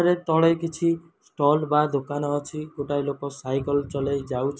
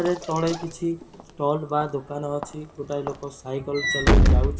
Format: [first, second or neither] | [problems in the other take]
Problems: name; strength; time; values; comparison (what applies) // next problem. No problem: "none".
first | background sound (Walk, footsteps / Slam); 3 dB above the speech // room echo; dies away in 1.9 s